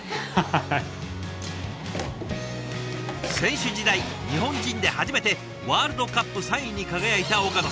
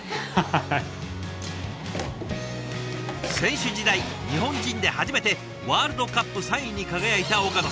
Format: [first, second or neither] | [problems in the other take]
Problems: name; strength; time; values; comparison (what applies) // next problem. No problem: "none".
second | background sound (Snare drum); 20 dB below the speech